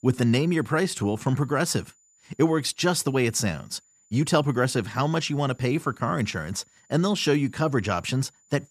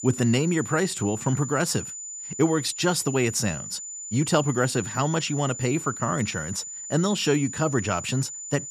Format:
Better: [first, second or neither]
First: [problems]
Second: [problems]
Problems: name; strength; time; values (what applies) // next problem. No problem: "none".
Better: first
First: high-pitched whine; faint; throughout; 7 kHz, 35 dB below the speech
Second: high-pitched whine; loud; throughout; 7 kHz, 9 dB below the speech